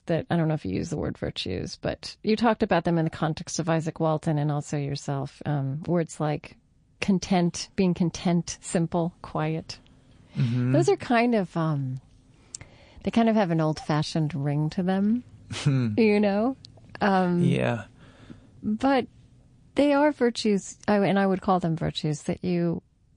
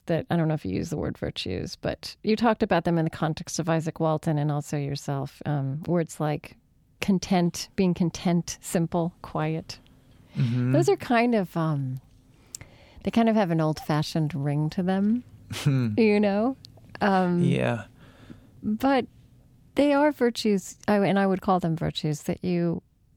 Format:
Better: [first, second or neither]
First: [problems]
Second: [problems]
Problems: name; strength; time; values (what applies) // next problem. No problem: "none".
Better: second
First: garbled, watery; slightly; nothing above 9 kHz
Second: none